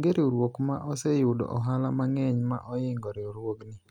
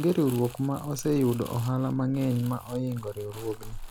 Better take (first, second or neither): first